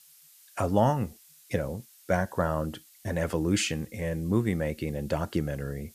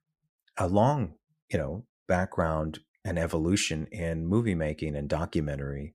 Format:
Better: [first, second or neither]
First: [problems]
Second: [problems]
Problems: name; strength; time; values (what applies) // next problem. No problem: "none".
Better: second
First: hiss; faint; throughout; 25 dB below the speech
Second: none